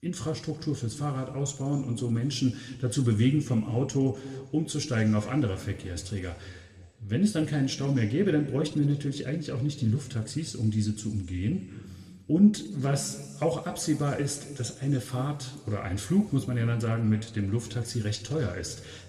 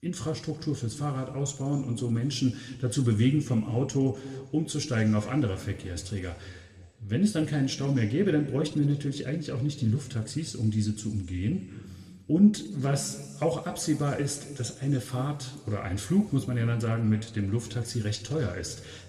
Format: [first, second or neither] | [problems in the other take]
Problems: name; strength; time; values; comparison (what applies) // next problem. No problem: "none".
neither | room echo; slight; dies away in 1.7 s; the same in both